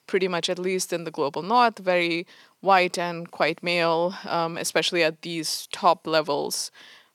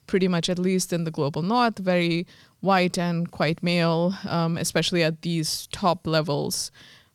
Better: second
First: thin; somewhat; fading below 350 Hz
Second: none

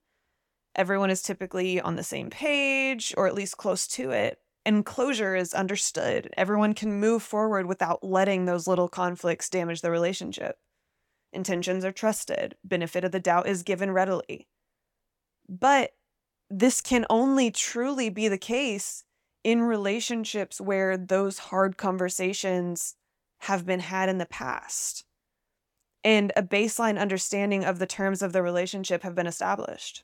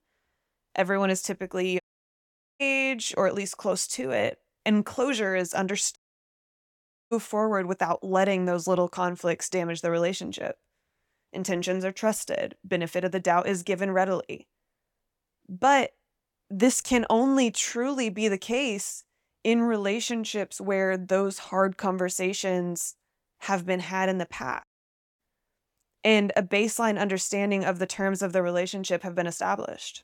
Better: first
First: none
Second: audio cutting out; at 2 s for 1 s, at 6 s for 1 s and at 25 s for 0.5 s

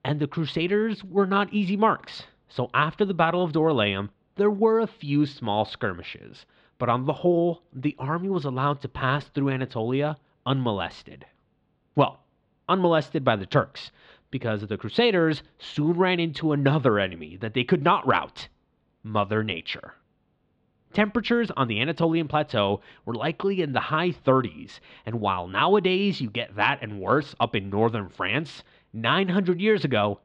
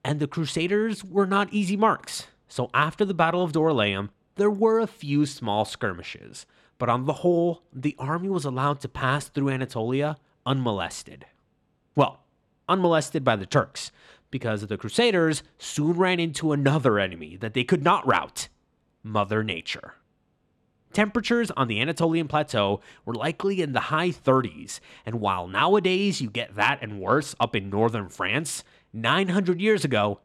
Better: second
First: muffled; very slightly; fading above 4 kHz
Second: none

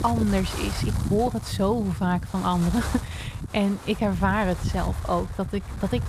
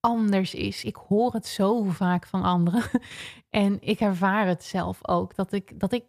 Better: second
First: wind noise on the microphone; occasional gusts; 10 dB below the speech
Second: none

